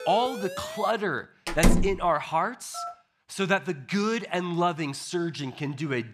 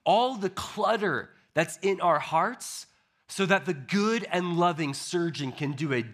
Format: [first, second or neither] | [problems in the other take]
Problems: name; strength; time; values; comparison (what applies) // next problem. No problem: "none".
second | siren; noticeable; at the start; peak 8 dB below the speech // door banging; loud; at 1.5 s; peak 4 dB above the speech // phone ringing; noticeable; at 2.5 s; peak 10 dB below the speech